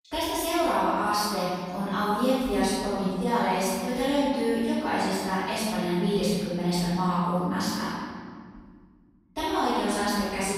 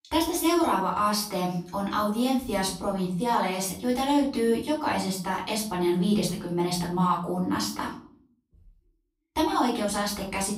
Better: second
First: room echo; strong; dies away in 1.9 s // off-mic speech; far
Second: room echo; slight; dies away in 0.4 s // off-mic speech; far

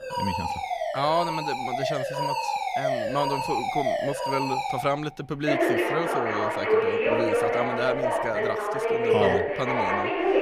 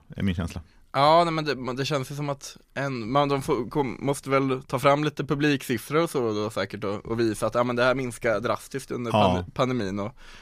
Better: second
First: alarms or sirens; very loud; throughout; 4 dB above the speech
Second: none

